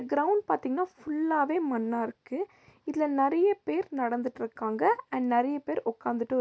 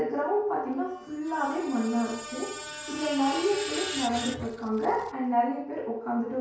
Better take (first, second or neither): first